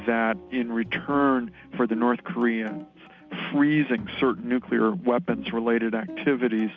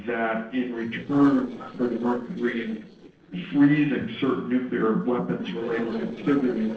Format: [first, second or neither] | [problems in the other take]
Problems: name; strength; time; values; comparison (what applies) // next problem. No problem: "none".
first | noise reduction (neural separator model SepFormer DNS4)